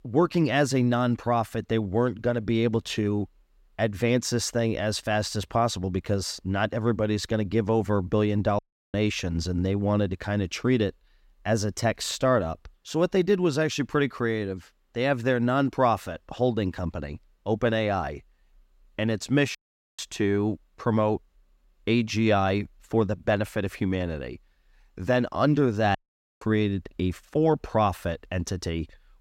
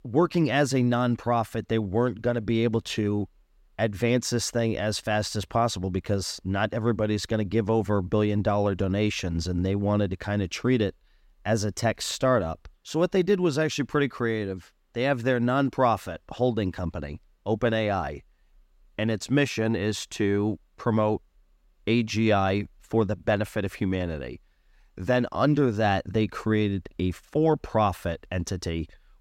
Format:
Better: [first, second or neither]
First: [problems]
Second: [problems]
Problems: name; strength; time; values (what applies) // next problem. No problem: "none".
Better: second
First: audio cutting out; at 8.5 s, at 20 s and at 26 s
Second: none